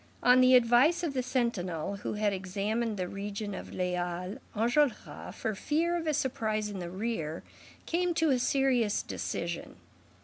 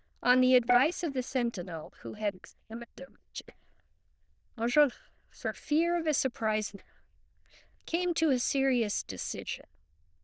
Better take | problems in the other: first | noise reduction (neural diffusion model UNIVERSE++)

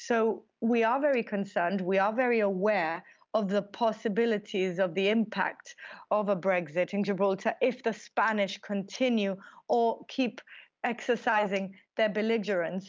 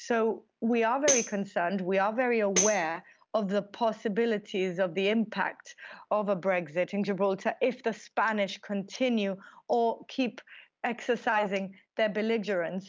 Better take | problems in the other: first | background sound (Tambourine); 5 dB below the speech

